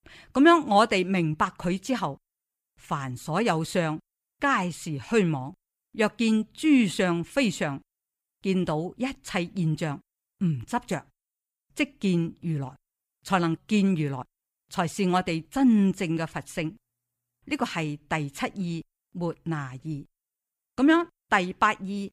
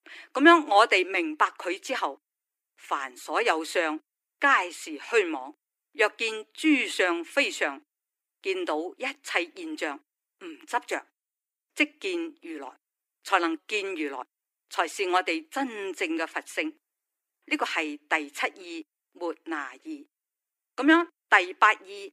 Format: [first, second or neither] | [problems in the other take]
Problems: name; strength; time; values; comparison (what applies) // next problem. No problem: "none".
first | thin; somewhat; fading below 300 Hz